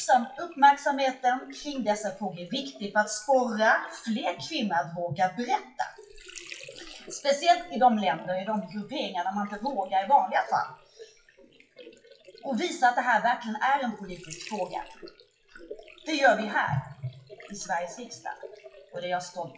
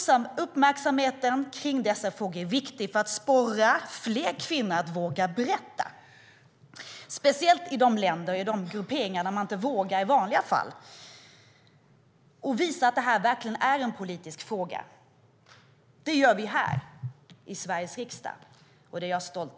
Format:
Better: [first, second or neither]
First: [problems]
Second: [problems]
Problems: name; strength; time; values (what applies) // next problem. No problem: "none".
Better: second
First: noise reduction (classical method WPE with log-MMSE)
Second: none